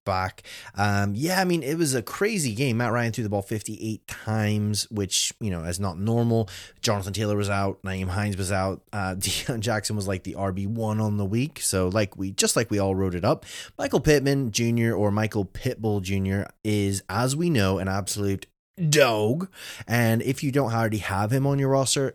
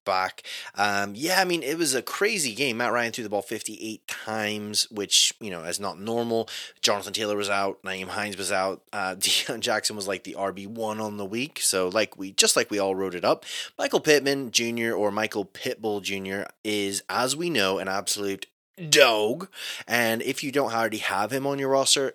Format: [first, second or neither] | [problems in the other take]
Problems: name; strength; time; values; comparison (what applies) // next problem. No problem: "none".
first | thin; somewhat; fading below 350 Hz